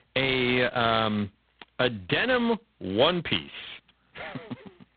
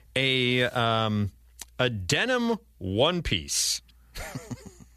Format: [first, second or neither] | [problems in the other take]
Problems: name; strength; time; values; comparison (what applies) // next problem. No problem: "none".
second | phone-call audio; poor line; nothing above 3.5 kHz